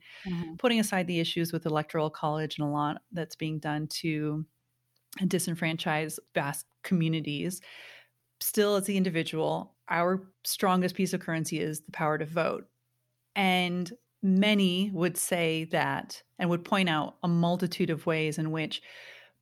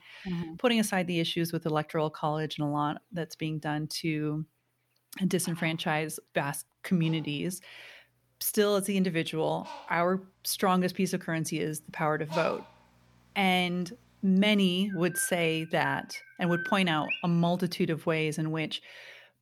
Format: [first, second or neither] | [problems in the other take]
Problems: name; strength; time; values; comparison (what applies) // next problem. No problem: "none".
first | animal sounds; noticeable; throughout; 10 dB below the speech